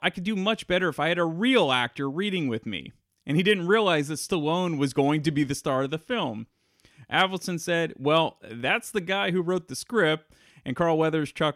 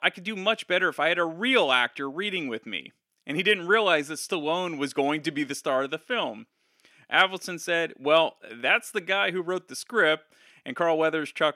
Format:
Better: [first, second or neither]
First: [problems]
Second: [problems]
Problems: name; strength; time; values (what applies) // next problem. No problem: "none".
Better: first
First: none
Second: thin; somewhat; fading below 300 Hz